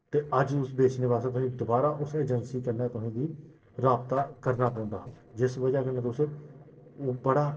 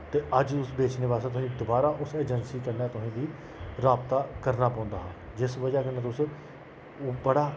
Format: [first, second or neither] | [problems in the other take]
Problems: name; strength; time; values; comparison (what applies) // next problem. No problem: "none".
second | noise reduction (neural separator model SepFormer DNS4)